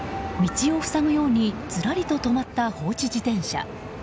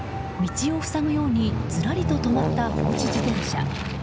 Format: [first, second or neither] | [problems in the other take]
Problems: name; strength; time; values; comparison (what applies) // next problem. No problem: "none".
first | background sound (Aircraft); as loud as the speech